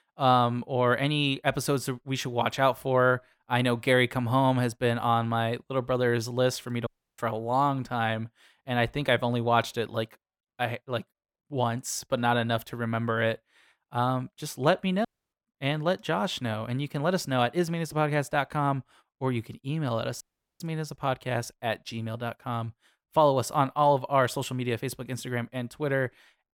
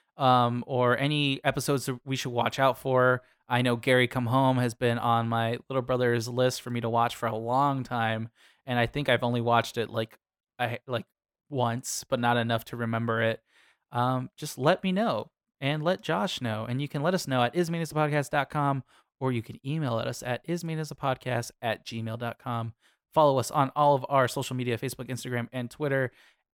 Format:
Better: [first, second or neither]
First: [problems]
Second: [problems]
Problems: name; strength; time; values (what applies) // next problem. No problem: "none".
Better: second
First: audio cutting out; at 7 s, at 15 s and at 20 s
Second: none